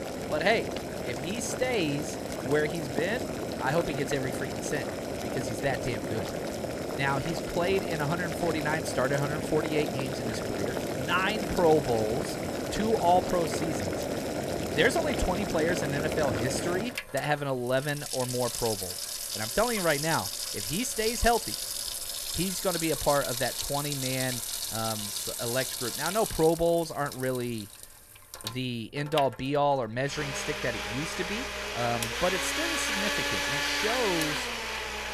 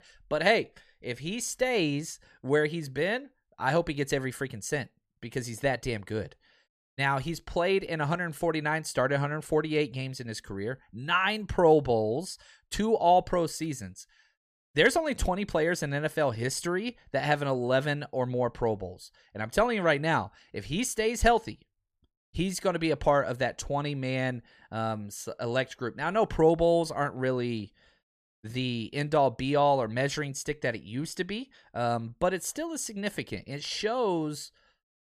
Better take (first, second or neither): second